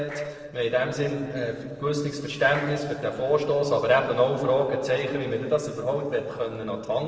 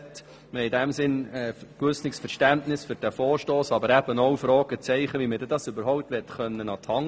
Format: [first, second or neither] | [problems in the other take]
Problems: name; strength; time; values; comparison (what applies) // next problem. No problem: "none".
second | noise reduction (neural separator model SepFormer DNS4)